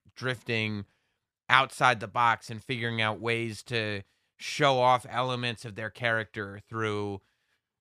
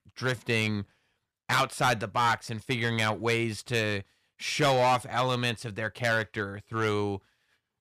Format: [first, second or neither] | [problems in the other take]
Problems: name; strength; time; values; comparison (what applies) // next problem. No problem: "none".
first | distortion; heavy; 4% of the sound clipped